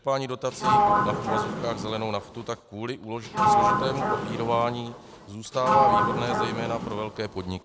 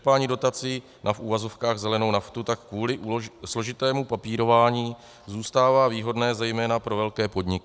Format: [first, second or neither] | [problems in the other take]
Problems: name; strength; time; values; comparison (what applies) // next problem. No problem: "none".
second | background sound (Sliding door); 5 dB above the speech